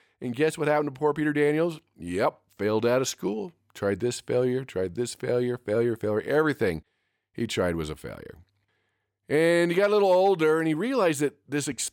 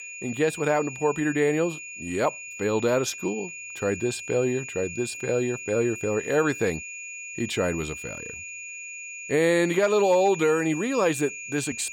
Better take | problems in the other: first | high-pitched whine; loud; throughout; 2.5 kHz, 10 dB below the speech

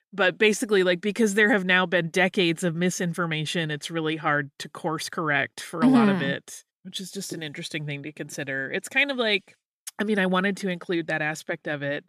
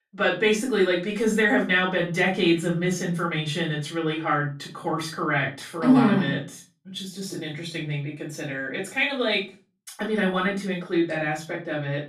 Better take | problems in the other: first | off-mic speech; far // room echo; slight; dies away in 0.3 s

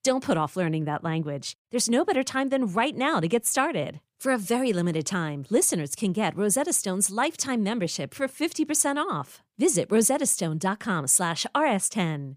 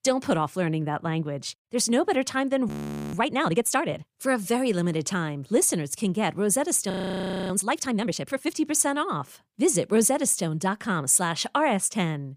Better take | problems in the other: first | audio freezing; at 2.5 s and at 7 s for 0.5 s

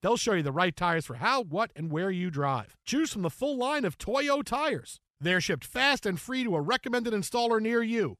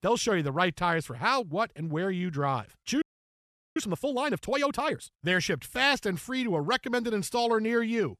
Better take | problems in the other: first | audio freezing; at 3 s for 0.5 s

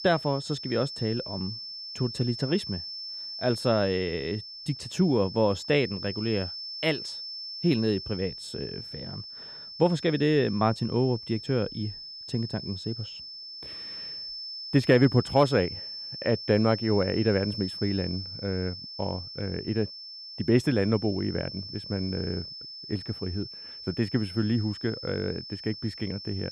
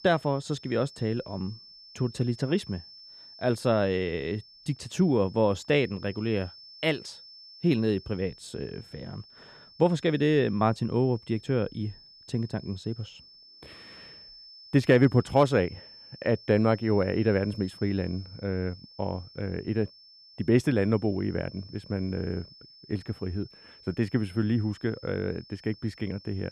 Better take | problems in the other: second | high-pitched whine; loud; throughout; 5.5 kHz, 9 dB below the speech; faint in the second

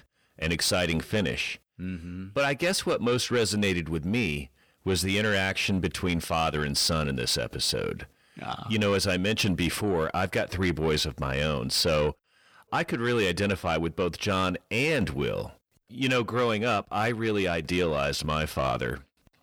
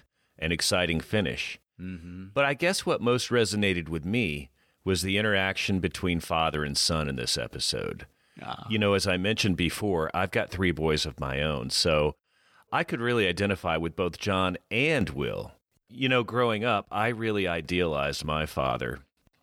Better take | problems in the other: second | distortion; slight; 10 dB below the speech

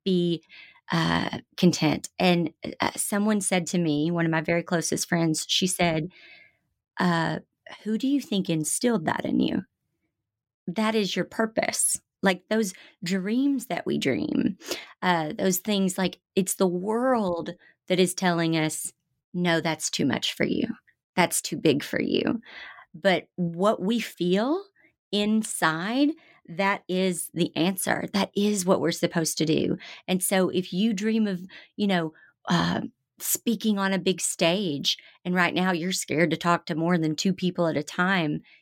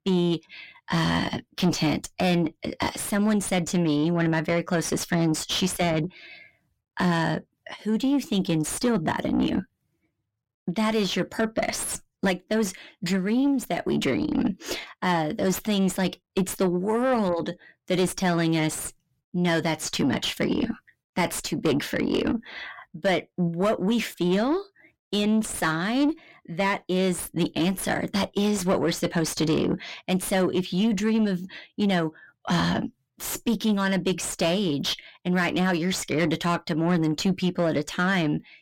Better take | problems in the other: first | distortion; slight; 9 dB below the speech

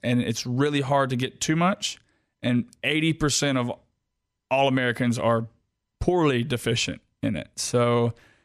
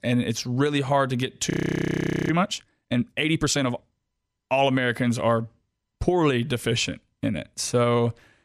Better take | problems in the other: first | audio freezing; at 1.5 s for 1 s

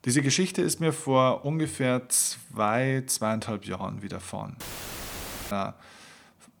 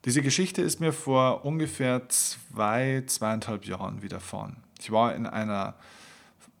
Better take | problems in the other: second | audio cutting out; filled with static; at 4.5 s for 1 s

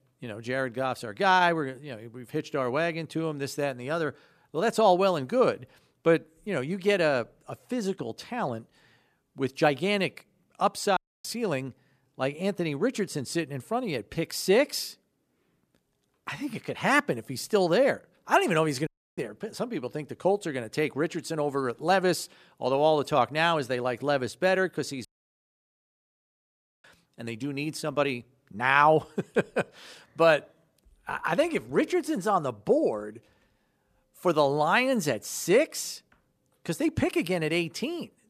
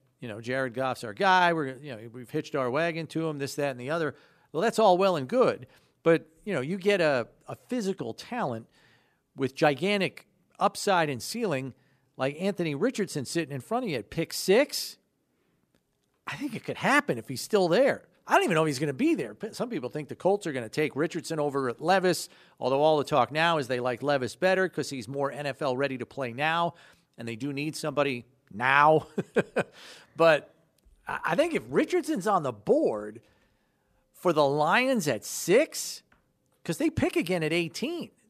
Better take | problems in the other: second | audio cutting out; at 11 s, at 19 s and at 25 s for 2 s

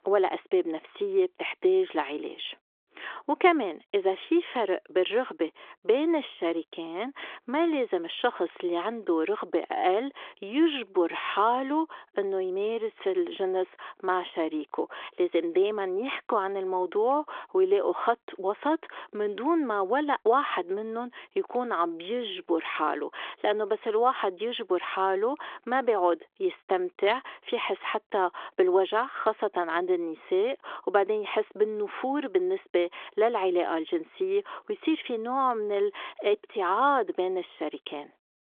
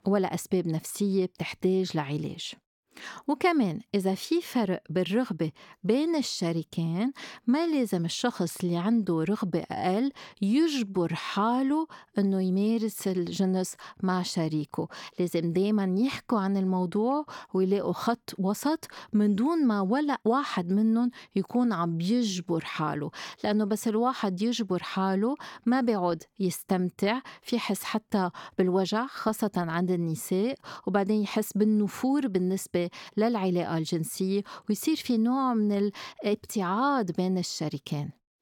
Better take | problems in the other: second | phone-call audio; nothing above 3.5 kHz

